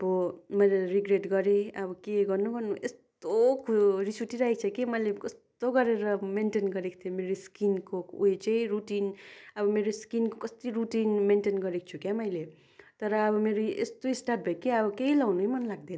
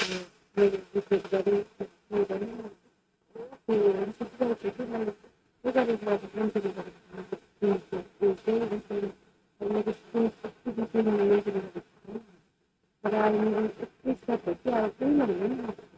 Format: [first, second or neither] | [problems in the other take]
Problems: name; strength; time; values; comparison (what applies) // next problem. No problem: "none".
first | noise reduction (neural mask model RNNoise)